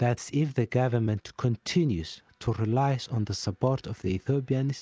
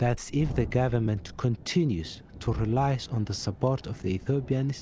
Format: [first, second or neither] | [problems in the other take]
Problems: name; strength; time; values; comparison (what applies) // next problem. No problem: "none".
first | background sound (Thunderstorm); 13 dB below the speech